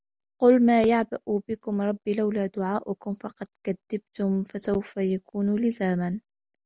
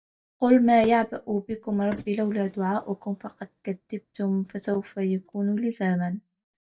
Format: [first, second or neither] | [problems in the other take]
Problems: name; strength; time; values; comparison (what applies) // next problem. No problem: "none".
first | noise reduction (neural mask model DeepFilterNet 3)